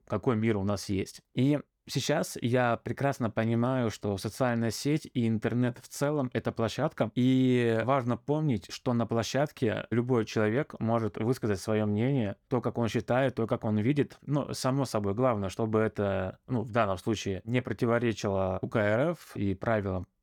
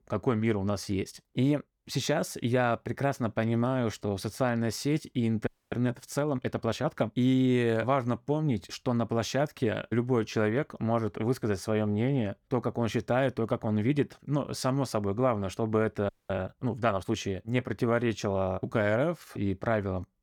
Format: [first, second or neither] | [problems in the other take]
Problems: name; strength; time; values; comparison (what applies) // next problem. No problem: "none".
first | audio freezing; at 5.5 s and at 16 s